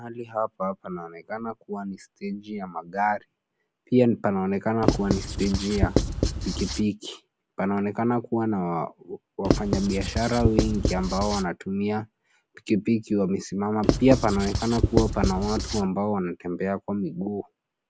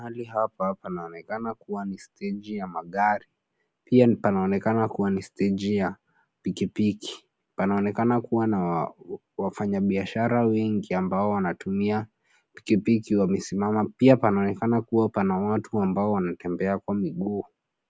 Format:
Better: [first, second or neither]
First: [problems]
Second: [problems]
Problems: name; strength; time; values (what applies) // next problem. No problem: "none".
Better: second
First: background sound (Writing); as loud as the speech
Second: none